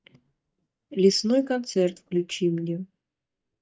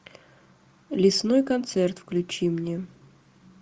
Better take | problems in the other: second | noise reduction (neural mask model DeepFilterNet 3)

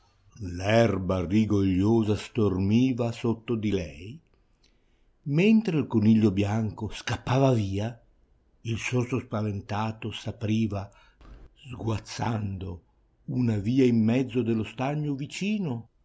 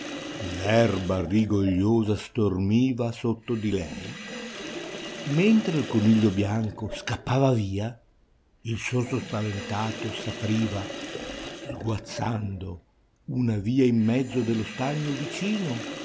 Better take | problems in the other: first | background sound (Sink (filling or washing)); 12 dB below the speech

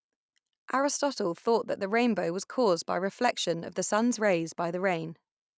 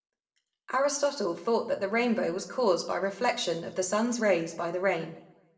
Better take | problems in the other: first | room echo; dies away in 0.6 s

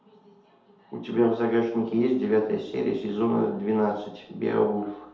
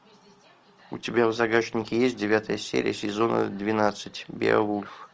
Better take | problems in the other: second | room echo; dies away in 2 s

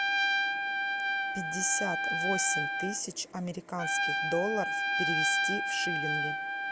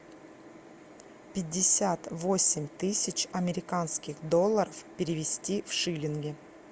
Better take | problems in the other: second | background sound (Trumpet); 5 dB above the speech

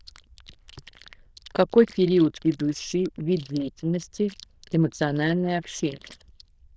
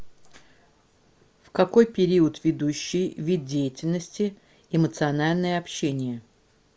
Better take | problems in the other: second | noise reduction (neural diffusion model UNIVERSE++)

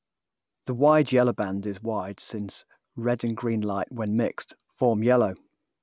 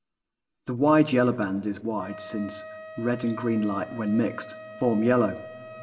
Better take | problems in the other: first | background sound (Wind instrument, woodwind instrument); 17 dB below the speech // room echo; dies away in 1 s

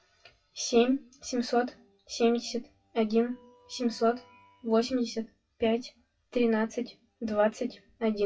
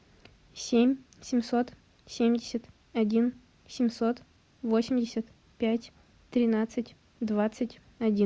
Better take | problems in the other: second | noise reduction (classical method WPE with log-MMSE)

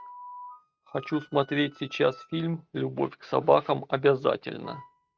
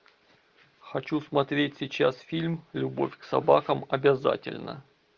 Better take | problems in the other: second | noise reduction (neural mask model RNNoise)

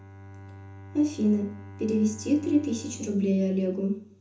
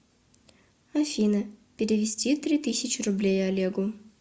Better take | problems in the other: second | background sound (Bowed string instrument); 17 dB below the speech // room echo; dies away in 0.6 s

